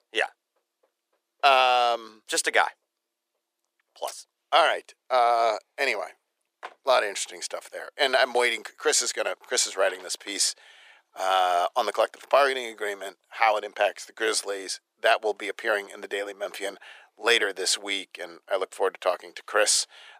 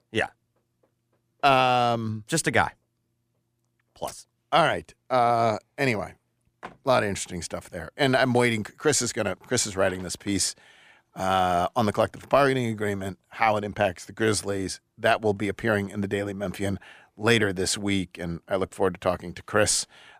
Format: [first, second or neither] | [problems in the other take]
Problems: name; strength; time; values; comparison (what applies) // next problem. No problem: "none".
second | thin; very; fading below 450 Hz